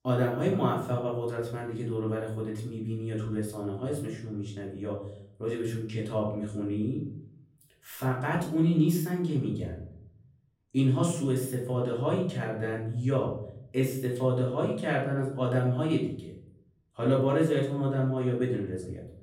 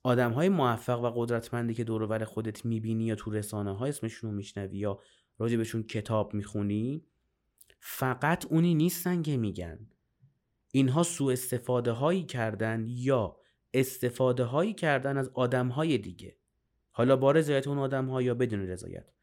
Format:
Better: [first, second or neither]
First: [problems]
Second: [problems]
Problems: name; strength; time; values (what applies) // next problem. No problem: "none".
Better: second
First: off-mic speech; far // room echo; noticeable; dies away in 0.7 s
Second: none